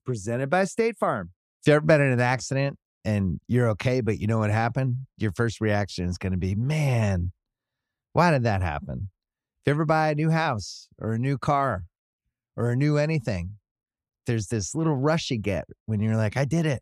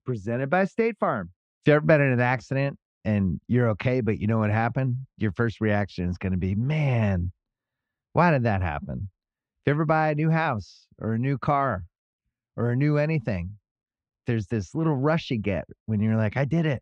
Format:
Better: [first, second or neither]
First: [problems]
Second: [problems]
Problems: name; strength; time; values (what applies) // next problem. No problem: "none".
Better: first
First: none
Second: muffled; slightly; fading above 2.5 kHz